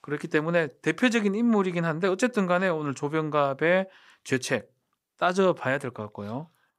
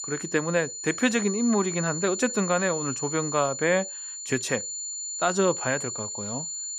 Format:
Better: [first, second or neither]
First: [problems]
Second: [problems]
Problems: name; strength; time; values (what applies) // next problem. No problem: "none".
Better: first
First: none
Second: high-pitched whine; loud; throughout; 7 kHz, 5 dB below the speech